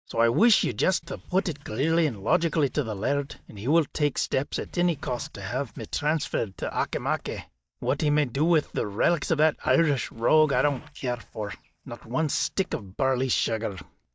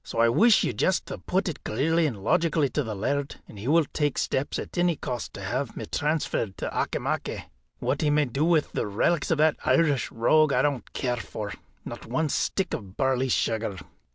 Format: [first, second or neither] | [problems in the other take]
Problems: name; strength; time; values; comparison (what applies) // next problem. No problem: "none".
second | noise reduction (neural mask model DeepFilterNet 3)